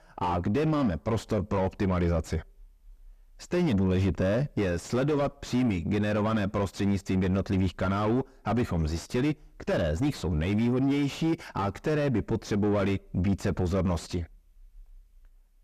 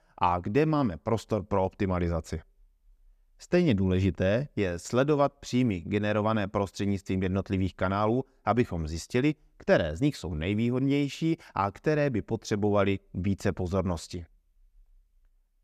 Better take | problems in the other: second | distortion; heavy; 6 dB below the speech

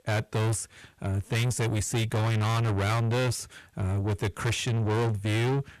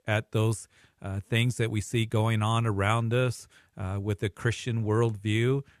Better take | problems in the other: second | distortion; heavy; 6 dB below the speech

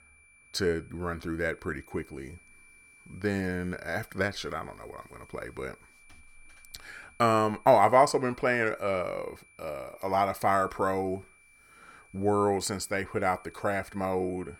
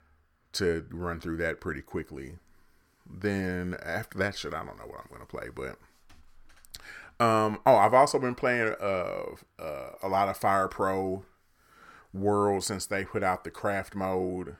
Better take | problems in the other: second | high-pitched whine; faint; throughout; 2.5 kHz, 25 dB below the speech

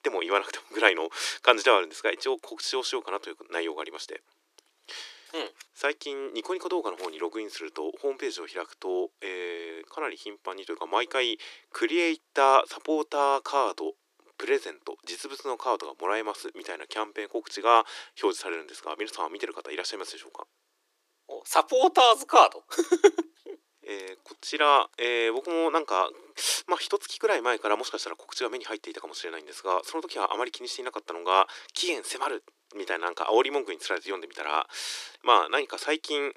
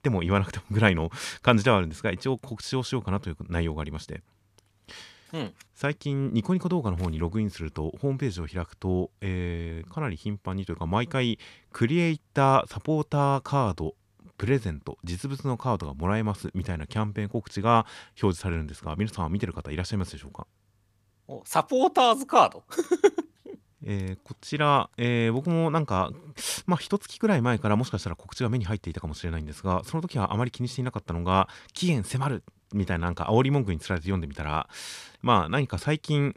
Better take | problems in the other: second | thin; very; fading below 300 Hz

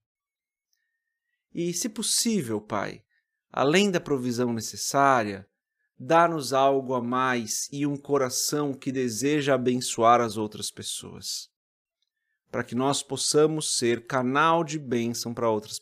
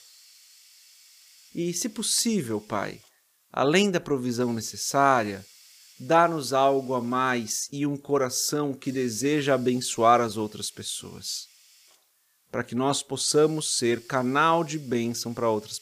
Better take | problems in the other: first | hiss; faint; throughout; 25 dB below the speech

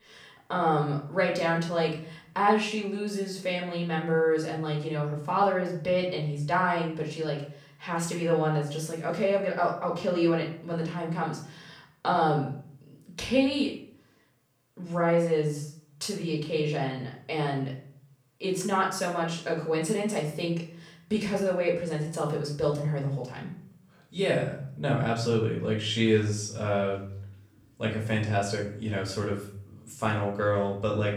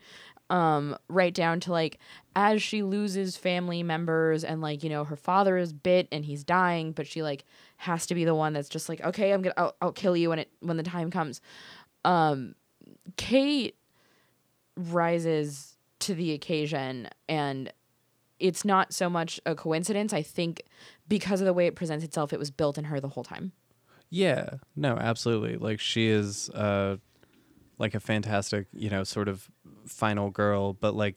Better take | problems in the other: second | off-mic speech; far // room echo; noticeable; dies away in 0.5 s

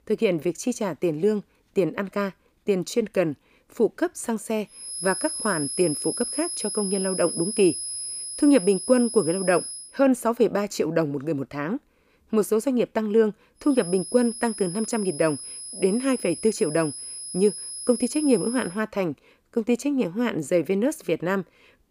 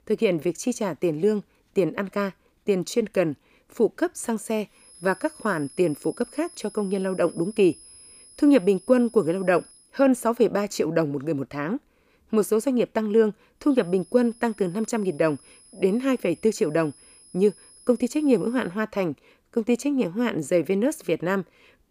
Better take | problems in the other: second | high-pitched whine; loud; from 5 to 10 s and from 14 to 19 s; 10.5 kHz, 6 dB below the speech; faint in the second

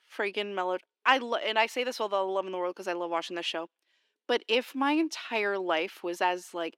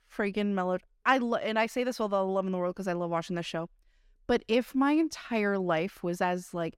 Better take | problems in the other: second | thin; somewhat; fading below 300 Hz

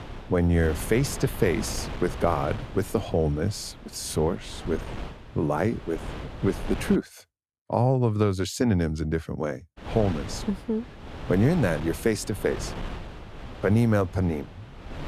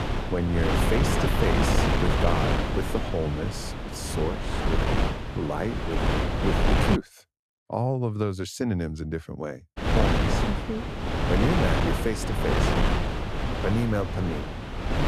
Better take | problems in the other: first | wind noise on the microphone; heavy; until 7 s and from 10 s on; 3 dB above the speech; occasional gusts in the first

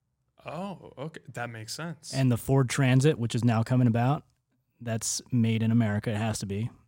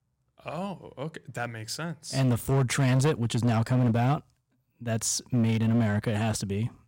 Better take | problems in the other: first | distortion; slight; 8% of the sound clipped

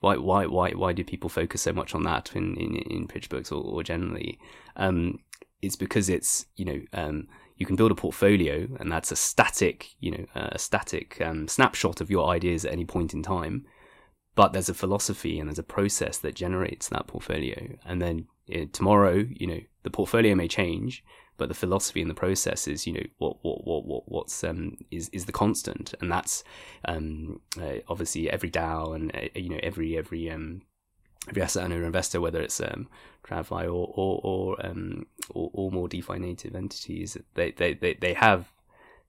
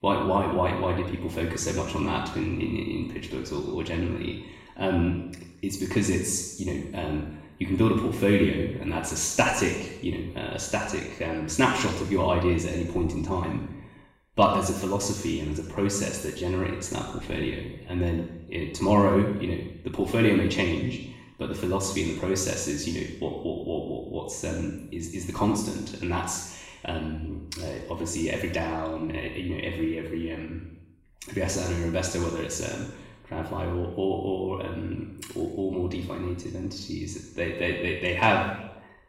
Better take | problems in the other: first | room echo; noticeable; dies away in 0.9 s // off-mic speech; far

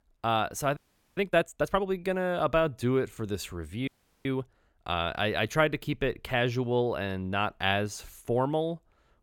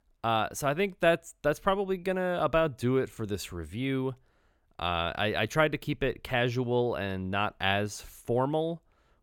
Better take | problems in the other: second | audio freezing; at 1 s and at 4 s

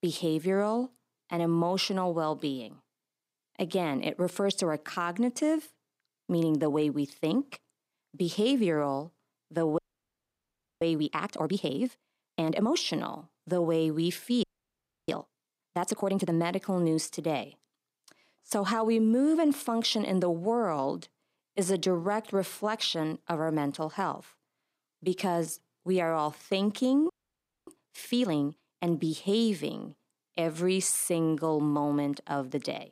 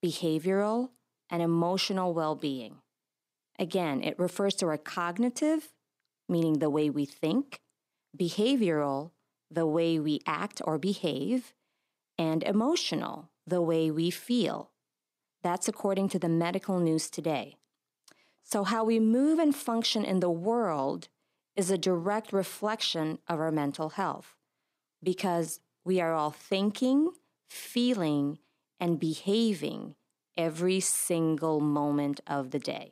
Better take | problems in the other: second | audio freezing; at 10 s for 1 s, at 14 s for 0.5 s and at 27 s for 0.5 s

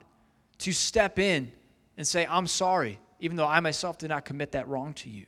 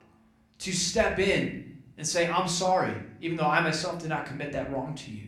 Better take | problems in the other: first | room echo; slight; dies away in 0.5 s // off-mic speech; somewhat distant

